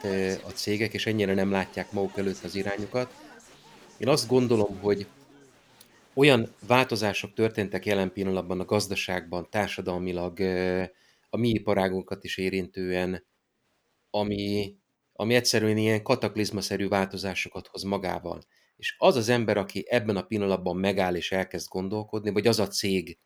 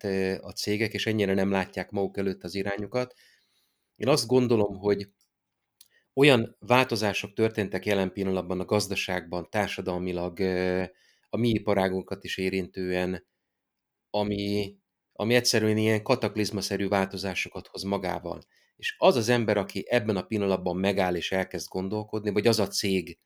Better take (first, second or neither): second